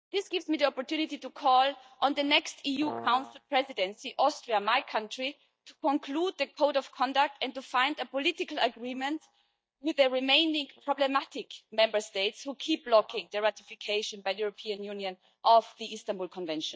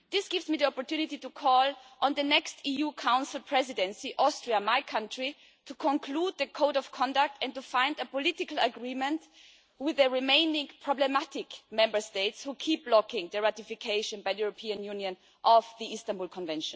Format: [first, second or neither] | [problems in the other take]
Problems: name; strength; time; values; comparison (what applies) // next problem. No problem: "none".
second | noise reduction (neural mask model DeepFilterNet 3)